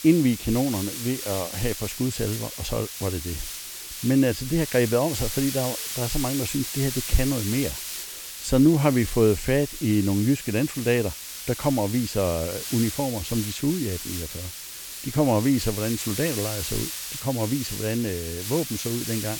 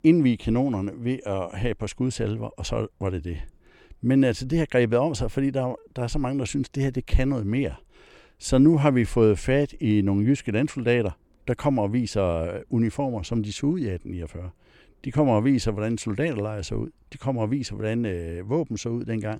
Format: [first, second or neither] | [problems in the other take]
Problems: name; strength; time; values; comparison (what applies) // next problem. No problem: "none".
second | hiss; loud; throughout; 6 dB below the speech